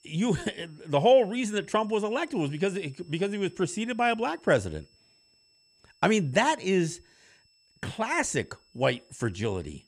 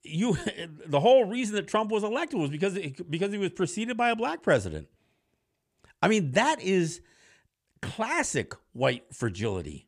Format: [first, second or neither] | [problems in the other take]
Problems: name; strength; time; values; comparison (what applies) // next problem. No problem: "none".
second | high-pitched whine; faint; throughout; 5.5 kHz, 35 dB below the speech